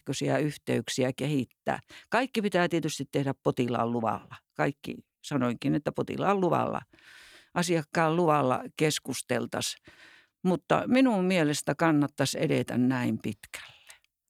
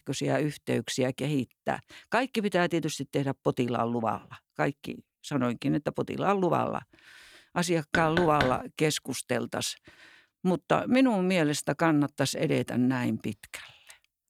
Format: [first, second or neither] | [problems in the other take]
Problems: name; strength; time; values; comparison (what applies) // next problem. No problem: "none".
first | door banging; noticeable; at 8 s; peak 3 dB below the speech